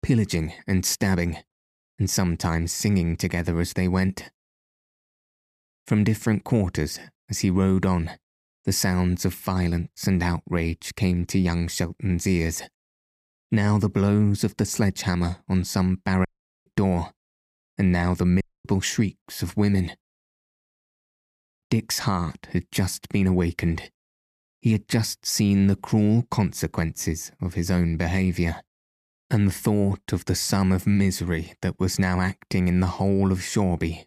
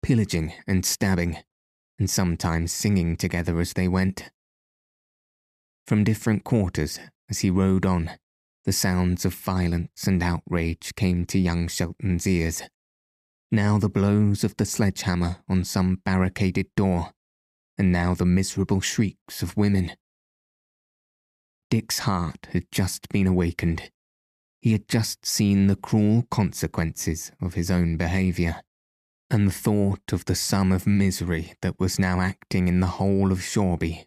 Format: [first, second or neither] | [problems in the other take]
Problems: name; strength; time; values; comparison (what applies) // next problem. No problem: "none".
second | audio cutting out; at 16 s and at 18 s